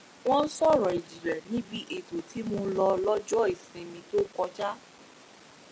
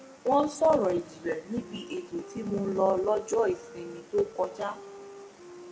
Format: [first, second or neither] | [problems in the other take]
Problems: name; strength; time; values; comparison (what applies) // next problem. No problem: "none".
first | background sound (Wind instrument, woodwind instrument); 19 dB below the speech // room echo; dies away in 1.4 s